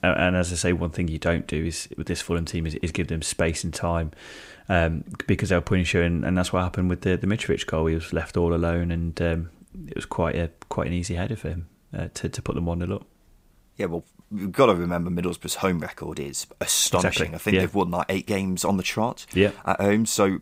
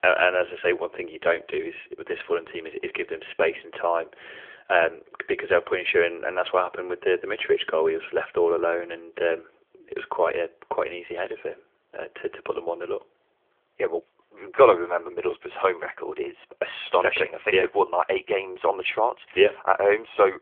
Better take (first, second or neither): first